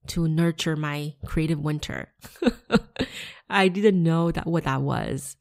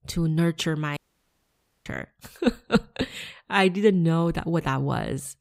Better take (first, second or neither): first